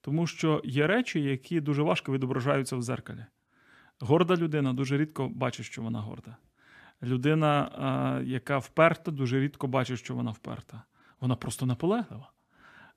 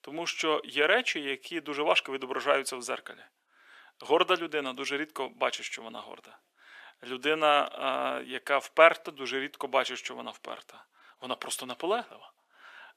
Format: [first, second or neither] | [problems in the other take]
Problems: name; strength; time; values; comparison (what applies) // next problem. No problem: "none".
first | thin; very; fading below 450 Hz